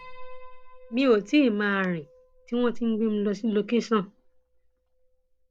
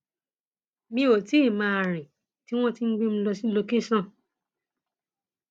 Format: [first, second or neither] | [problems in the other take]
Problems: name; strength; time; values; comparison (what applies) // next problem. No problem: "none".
second | background sound (Piano); 15 dB below the speech